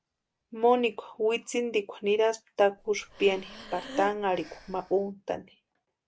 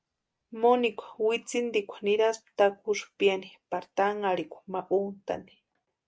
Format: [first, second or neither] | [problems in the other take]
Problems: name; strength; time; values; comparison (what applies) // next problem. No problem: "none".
second | background sound (Breathing); 15 dB below the speech